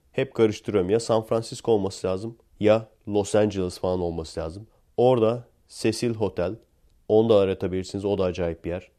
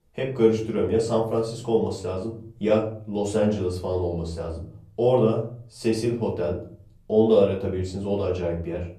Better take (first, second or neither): first